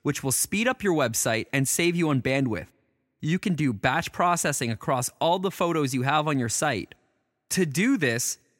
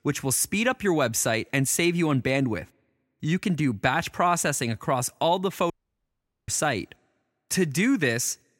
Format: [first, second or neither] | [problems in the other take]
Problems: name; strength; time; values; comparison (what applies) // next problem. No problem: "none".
first | audio cutting out; at 5.5 s for 1 s